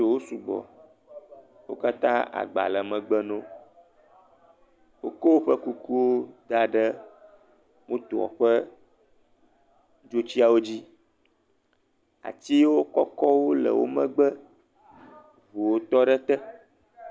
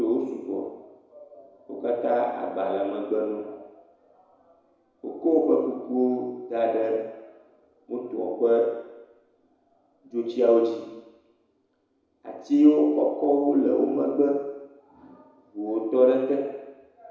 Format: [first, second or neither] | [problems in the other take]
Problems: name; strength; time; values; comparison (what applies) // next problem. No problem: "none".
first | room echo; dies away in 1 s